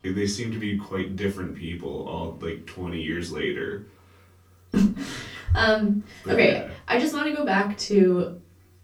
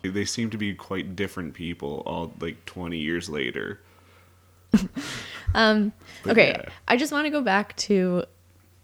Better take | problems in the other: second | off-mic speech; far // room echo; slight; dies away in 0.3 s

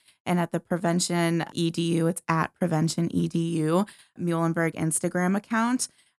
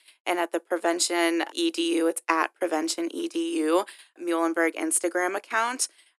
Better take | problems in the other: first | thin; very; fading below 300 Hz

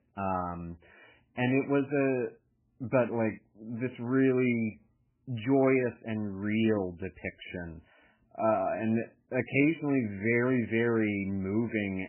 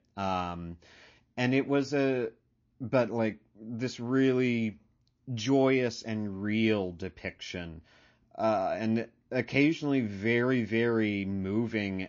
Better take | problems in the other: second | garbled, watery; badly; nothing above 2.5 kHz; slightly in the second

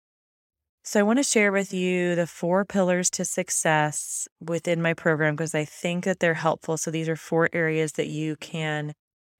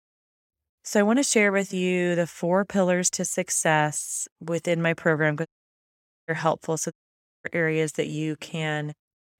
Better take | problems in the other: first | audio cutting out; at 5.5 s for 1 s and at 7 s for 0.5 s

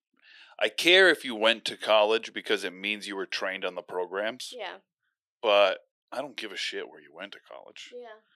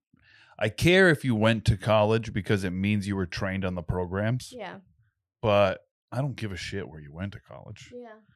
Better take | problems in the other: second | thin; very; fading below 350 Hz

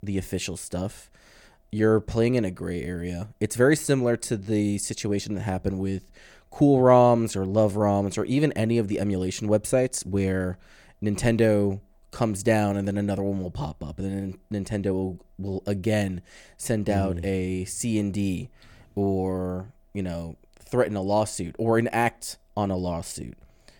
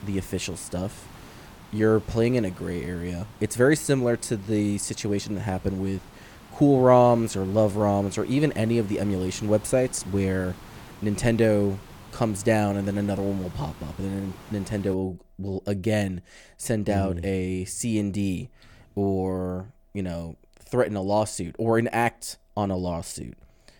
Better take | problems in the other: first | hiss; faint; until 15 s; 20 dB below the speech

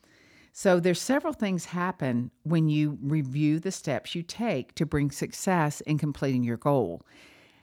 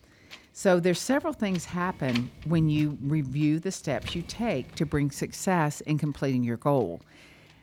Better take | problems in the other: first | wind noise on the microphone; occasional gusts; 15 dB below the speech

